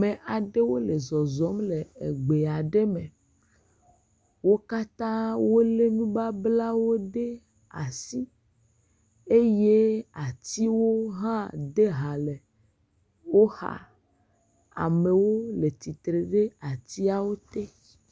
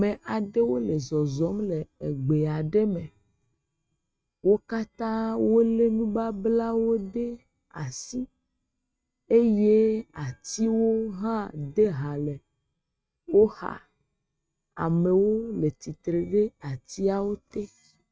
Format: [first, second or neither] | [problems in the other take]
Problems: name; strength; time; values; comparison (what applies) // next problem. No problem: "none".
first | noise reduction (neural mask model RNNoise)